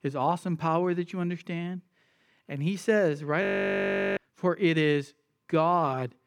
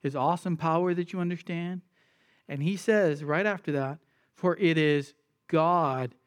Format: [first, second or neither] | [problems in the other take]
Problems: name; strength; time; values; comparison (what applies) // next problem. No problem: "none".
second | audio freezing; at 3.5 s for 0.5 s